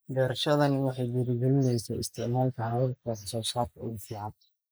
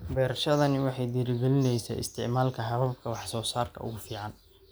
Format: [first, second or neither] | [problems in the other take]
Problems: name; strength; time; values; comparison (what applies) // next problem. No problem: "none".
second | noise reduction (neural mask model Resemble Enhance denoiser)